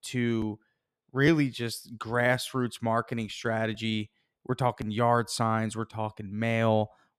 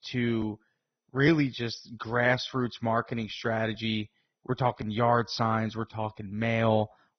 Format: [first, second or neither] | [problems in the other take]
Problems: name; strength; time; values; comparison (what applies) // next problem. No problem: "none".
first | garbled, watery; badly; nothing above 6 kHz